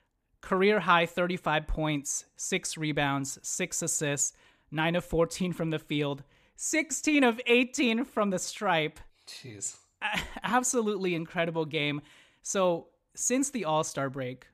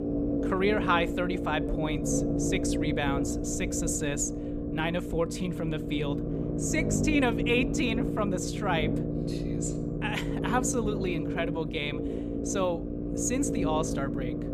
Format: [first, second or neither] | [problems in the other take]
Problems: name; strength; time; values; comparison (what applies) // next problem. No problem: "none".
first | low rumble; loud; throughout; 4 dB below the speech